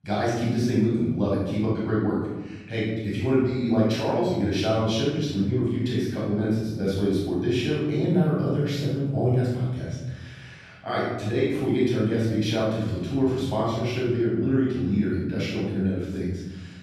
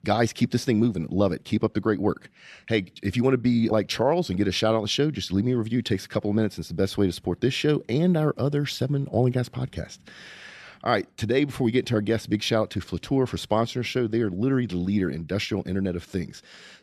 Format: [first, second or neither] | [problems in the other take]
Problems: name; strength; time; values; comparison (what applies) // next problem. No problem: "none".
second | room echo; strong; dies away in 1.3 s // off-mic speech; far